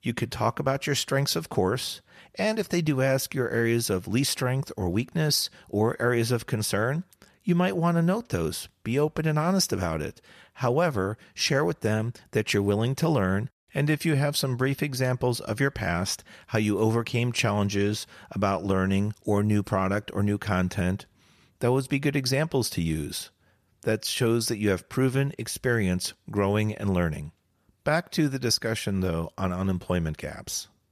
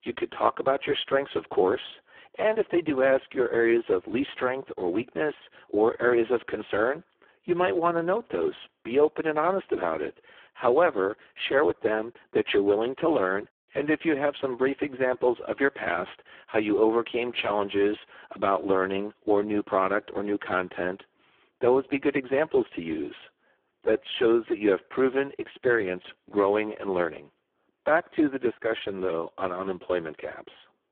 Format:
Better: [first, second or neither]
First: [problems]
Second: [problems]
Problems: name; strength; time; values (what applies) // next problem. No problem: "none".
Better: first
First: none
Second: phone-call audio; poor line